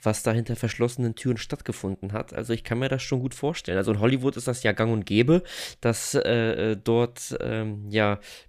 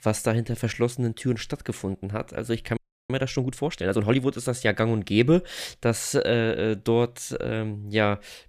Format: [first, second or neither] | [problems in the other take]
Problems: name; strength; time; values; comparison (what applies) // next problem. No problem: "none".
first | audio freezing; at 3 s